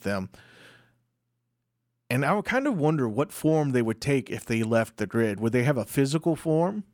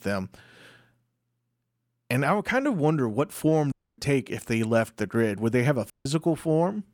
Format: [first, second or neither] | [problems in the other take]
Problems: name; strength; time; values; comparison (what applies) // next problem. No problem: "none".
first | audio cutting out; at 3.5 s and at 6 s